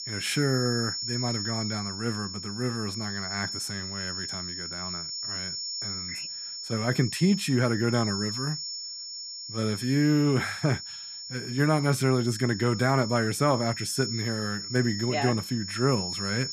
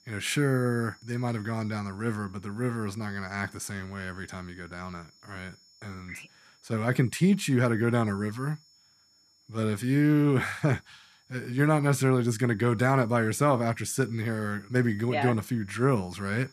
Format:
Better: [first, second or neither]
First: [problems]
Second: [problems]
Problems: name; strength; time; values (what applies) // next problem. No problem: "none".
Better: second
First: high-pitched whine; loud; throughout; 5.5 kHz, 6 dB below the speech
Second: high-pitched whine; faint; throughout; 5.5 kHz, 30 dB below the speech